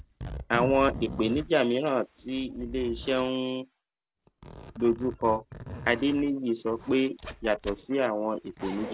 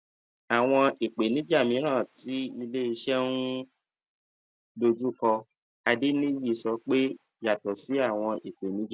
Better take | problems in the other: second | background sound (Zipper (clothing)); 13 dB below the speech

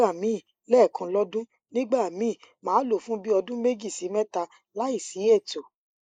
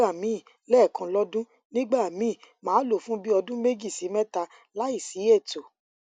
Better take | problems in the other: second | noise reduction (neural mask model Resemble Enhance denoiser)

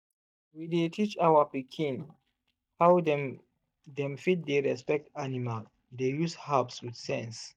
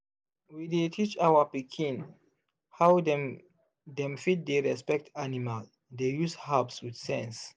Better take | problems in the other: second | noise reduction (neural mask model DeepFilterNet 3)

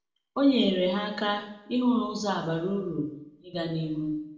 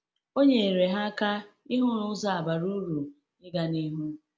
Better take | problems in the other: second | room echo; dies away in 0.7 s

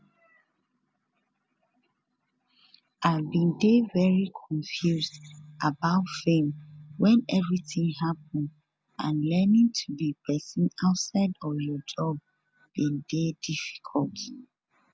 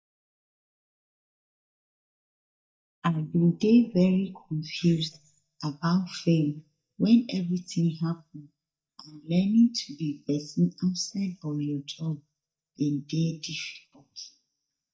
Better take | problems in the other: first | noise reduction (neural mask model DeepFilterNet 3)

